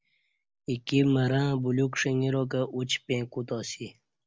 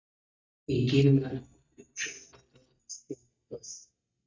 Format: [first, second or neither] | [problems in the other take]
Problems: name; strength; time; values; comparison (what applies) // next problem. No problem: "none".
first | noise reduction (neural mask model DeepFilterNet 3)